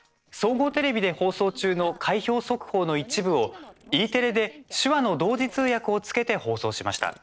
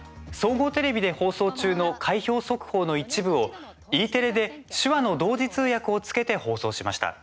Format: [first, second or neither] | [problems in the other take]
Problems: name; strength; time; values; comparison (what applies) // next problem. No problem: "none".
second | noise reduction (neural separator model SepFormer DNS4)